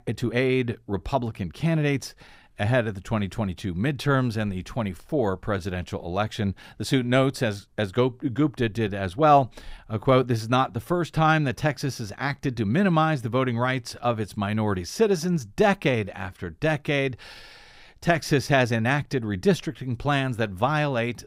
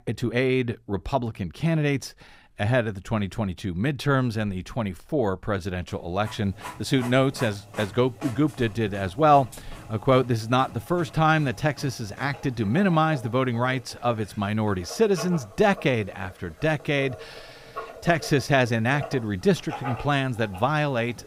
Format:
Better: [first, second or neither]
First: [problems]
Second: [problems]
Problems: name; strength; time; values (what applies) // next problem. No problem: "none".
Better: first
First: none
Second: household noises; noticeable; from 6.5 s on; 15 dB below the speech